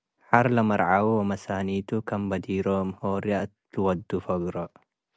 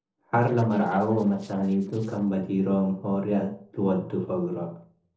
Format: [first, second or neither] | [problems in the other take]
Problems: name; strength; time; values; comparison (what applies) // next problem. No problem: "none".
first | noise reduction (neural separator model SepFormer DNS4)